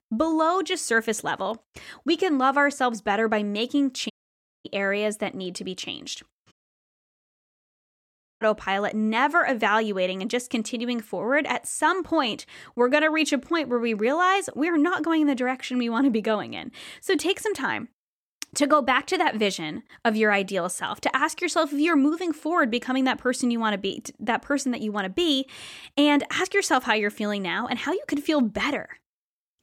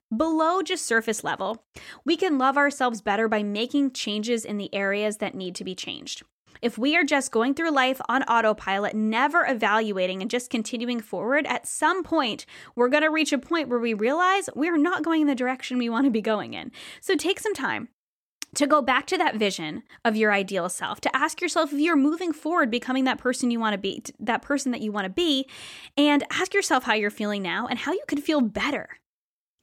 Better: second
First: audio cutting out; at 4 s for 0.5 s and at 6.5 s for 2 s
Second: none

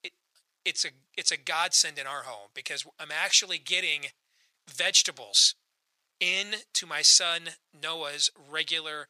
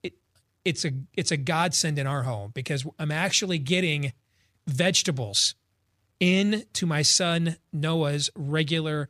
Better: second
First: thin; very; fading below 850 Hz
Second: none

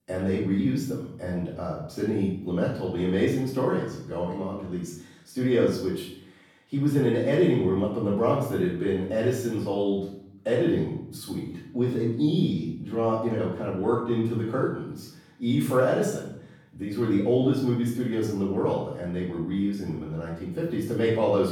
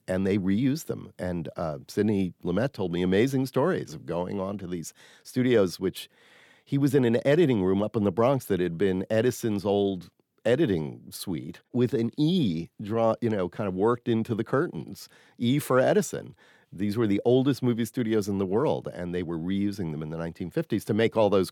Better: second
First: off-mic speech; far // room echo; noticeable; dies away in 0.6 s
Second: none

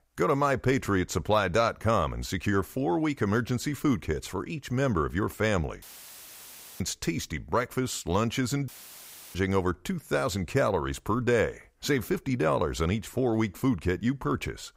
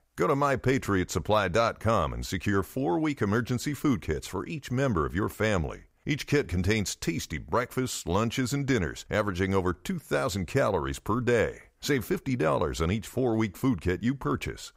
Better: second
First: audio cutting out; filled with static; at 6 s for 1 s and at 8.5 s for 0.5 s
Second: none

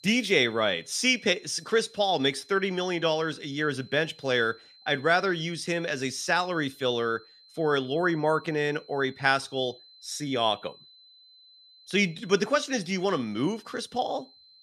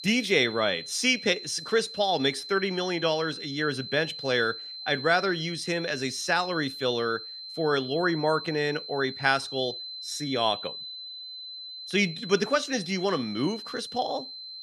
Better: first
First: high-pitched whine; faint; throughout; 4 kHz, 25 dB below the speech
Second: high-pitched whine; loud; throughout; 4 kHz, 10 dB below the speech

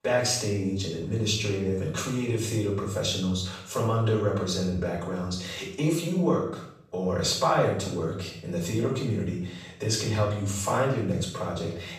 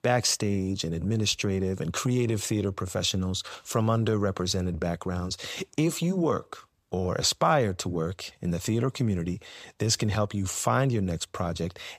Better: second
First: off-mic speech; far // room echo; noticeable; dies away in 0.6 s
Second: none

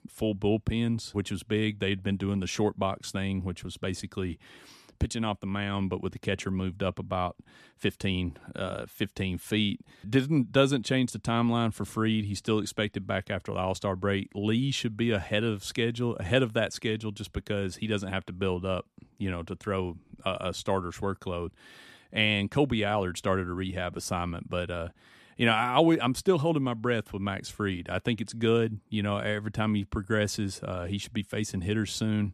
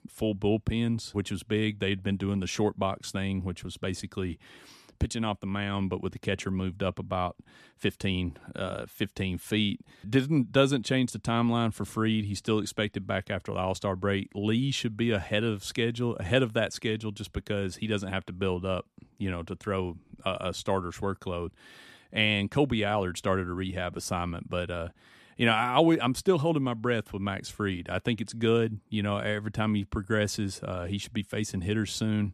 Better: neither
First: none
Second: none

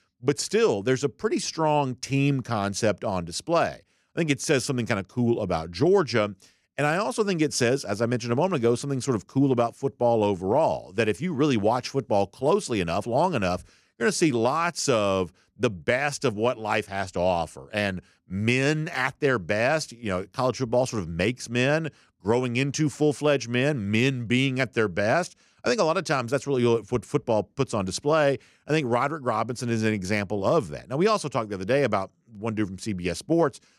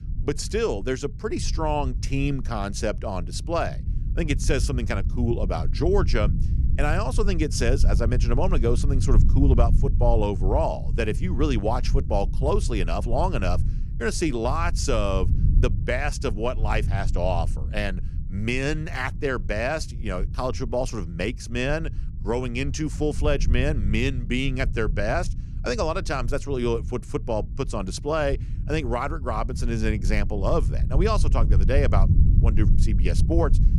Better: first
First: none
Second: low rumble; noticeable; throughout; 15 dB below the speech

